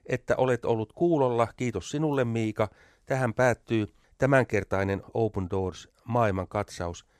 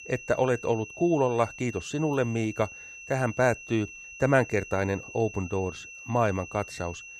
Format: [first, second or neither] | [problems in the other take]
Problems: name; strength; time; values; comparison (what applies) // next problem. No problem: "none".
first | high-pitched whine; noticeable; throughout; 2.5 kHz, 15 dB below the speech